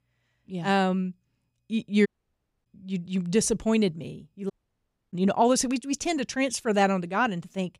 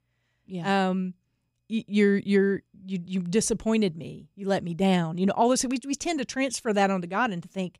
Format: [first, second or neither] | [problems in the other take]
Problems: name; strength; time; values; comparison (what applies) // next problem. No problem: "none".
second | audio cutting out; at 2 s for 0.5 s and at 4.5 s for 0.5 s